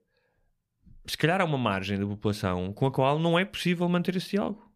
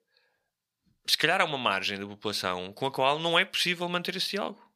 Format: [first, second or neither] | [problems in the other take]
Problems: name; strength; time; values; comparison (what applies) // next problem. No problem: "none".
first | thin; somewhat; fading below 1 kHz